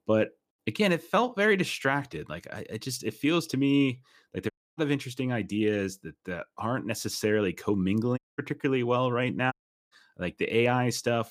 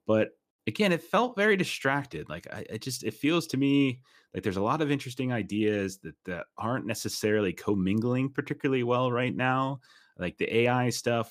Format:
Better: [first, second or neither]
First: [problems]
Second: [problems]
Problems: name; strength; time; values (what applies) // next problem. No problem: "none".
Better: second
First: audio cutting out; at 4.5 s, at 8 s and at 9.5 s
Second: none